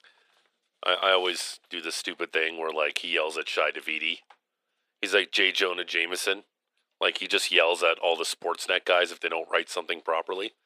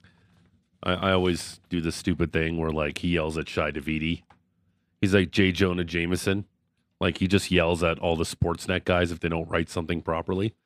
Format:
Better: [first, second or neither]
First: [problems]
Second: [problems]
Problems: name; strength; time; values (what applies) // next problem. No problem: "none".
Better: second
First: thin; very; fading below 450 Hz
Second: none